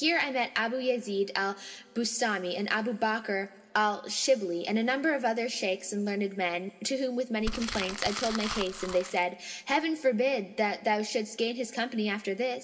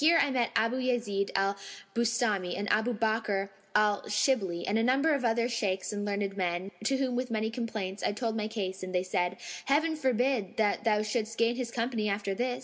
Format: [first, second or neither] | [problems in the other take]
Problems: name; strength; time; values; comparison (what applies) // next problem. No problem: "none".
second | background sound (Crumpling, crinkling); 7 dB below the speech // room echo; dies away in 2.3 s